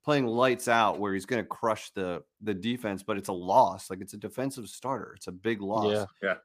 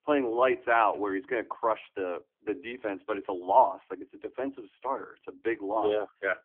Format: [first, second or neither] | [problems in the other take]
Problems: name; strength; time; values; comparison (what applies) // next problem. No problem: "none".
first | phone-call audio; poor line; nothing above 3.5 kHz